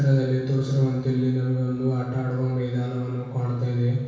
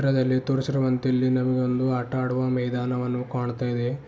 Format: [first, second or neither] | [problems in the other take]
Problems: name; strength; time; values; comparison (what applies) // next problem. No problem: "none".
second | room echo; dies away in 1.1 s